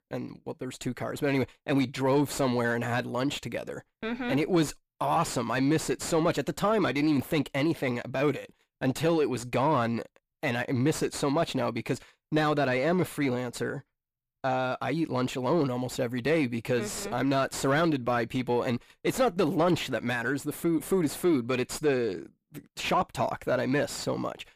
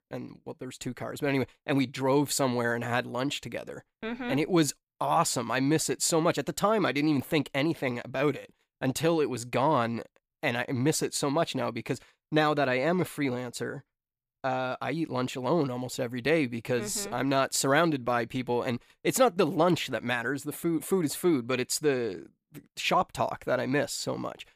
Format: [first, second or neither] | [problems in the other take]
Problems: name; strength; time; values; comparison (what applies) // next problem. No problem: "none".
second | distortion; slight; 10 dB below the speech